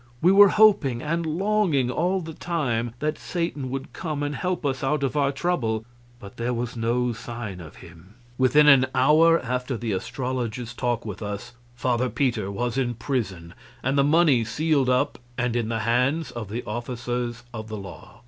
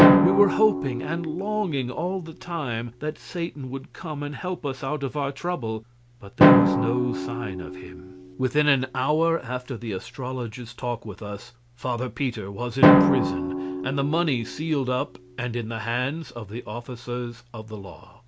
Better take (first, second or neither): first